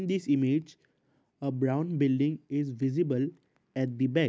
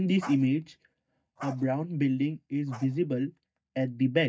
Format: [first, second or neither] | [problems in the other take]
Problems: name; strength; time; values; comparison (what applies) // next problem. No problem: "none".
first | noise reduction (neural mask model DeepFilterNet 3)